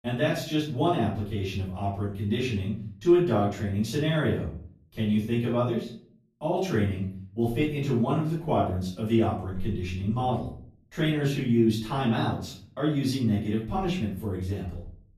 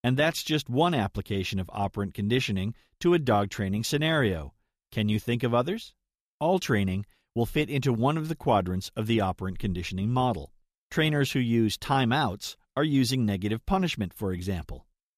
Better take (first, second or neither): second